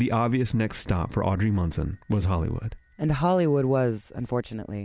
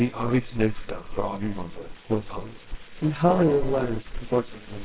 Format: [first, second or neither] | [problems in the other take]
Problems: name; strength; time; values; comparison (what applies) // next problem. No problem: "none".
first | noise reduction (neural separator model SepFormer WHAMR!)